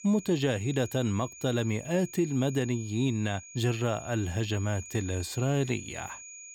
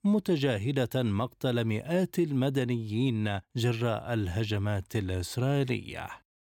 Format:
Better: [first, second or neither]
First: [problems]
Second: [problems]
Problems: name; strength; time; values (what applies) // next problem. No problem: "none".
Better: second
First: high-pitched whine; noticeable; throughout; 7 kHz, 15 dB below the speech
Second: none